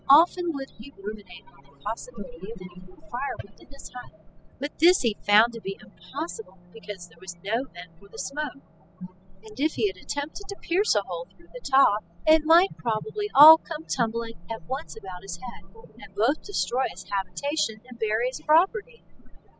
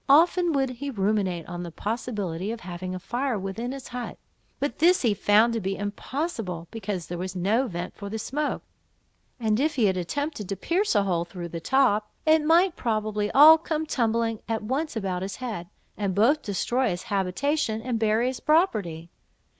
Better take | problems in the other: second | noise reduction (classical method spectral subtraction)

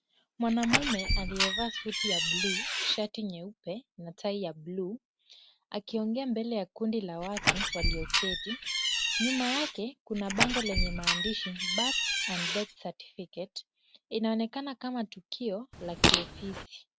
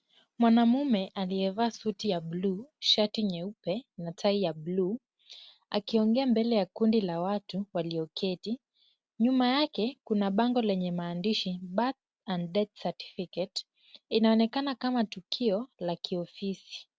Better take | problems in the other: second | background sound (Fart + Door); 4 dB above the speech

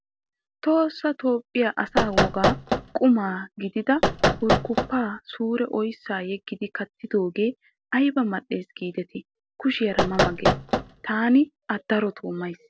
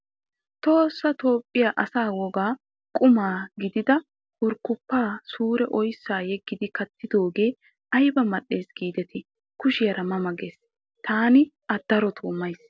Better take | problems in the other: second | background sound (Knock); 2 dB above the speech

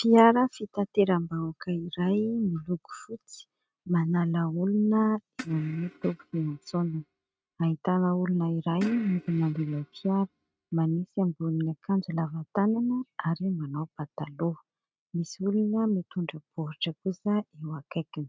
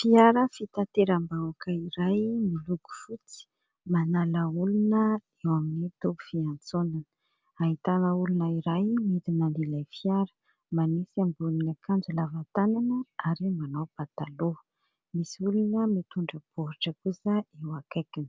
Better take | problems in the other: second | noise reduction (neural mask model RNNoise)

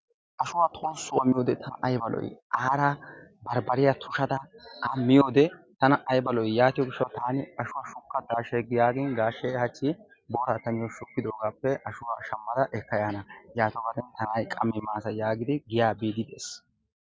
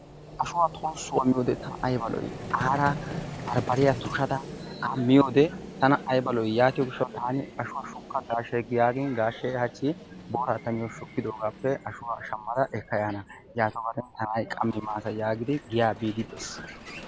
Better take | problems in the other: first | background sound (Vehicle); 13 dB below the speech

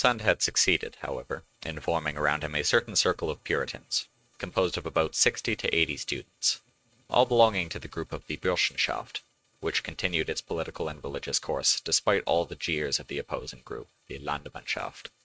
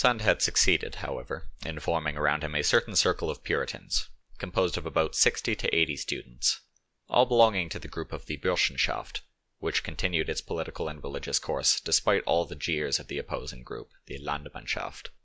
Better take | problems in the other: second | noise reduction (neural mask model RNNoise)

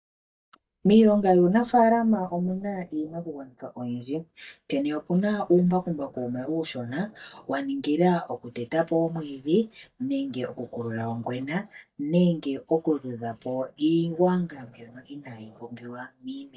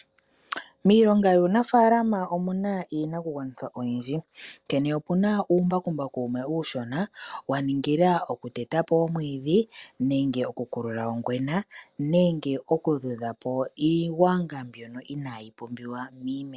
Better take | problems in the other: second | noise reduction (neural mask model DeepFilterNet 3)

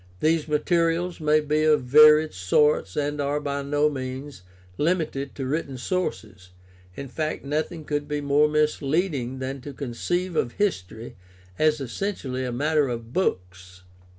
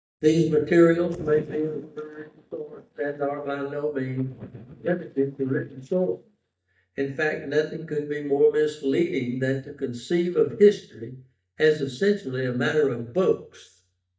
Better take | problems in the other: first | noise reduction (neural mask model DeepFilterNet 3)

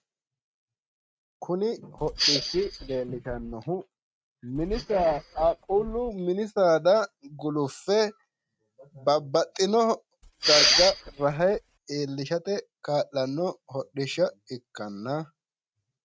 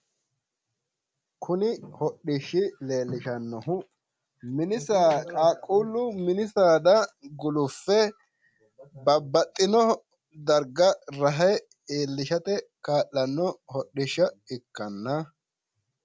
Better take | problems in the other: second | noise reduction (neural mask model RNNoise)

